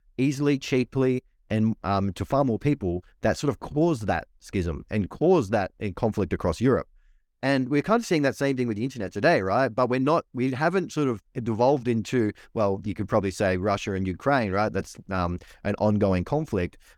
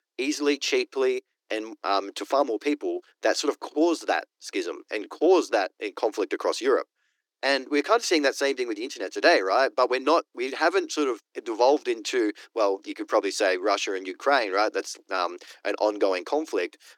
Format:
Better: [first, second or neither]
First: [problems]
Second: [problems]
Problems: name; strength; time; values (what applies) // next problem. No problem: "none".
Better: first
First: none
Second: thin; somewhat; fading below 300 Hz